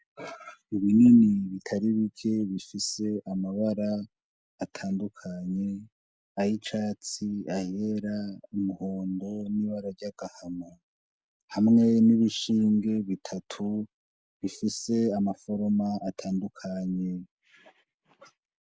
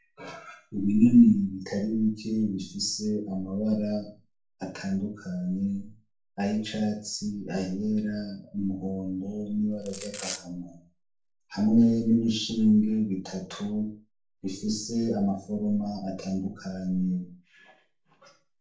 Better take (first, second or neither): first